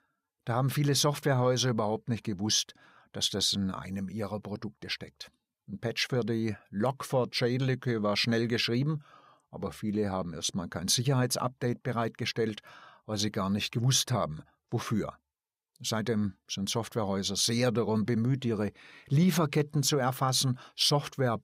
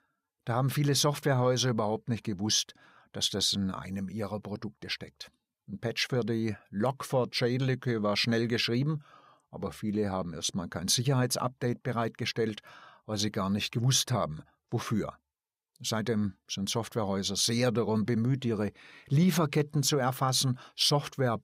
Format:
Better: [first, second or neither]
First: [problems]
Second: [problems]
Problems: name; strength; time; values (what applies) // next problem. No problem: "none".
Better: neither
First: none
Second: none